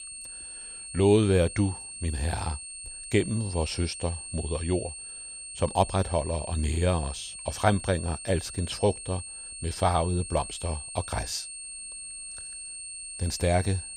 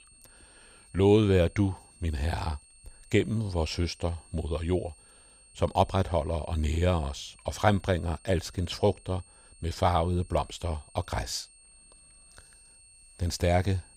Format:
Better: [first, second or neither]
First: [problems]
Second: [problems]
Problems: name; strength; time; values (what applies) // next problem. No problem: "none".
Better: second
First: high-pitched whine; loud; throughout; 8.5 kHz, 9 dB below the speech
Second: high-pitched whine; faint; throughout; 8.5 kHz, 25 dB below the speech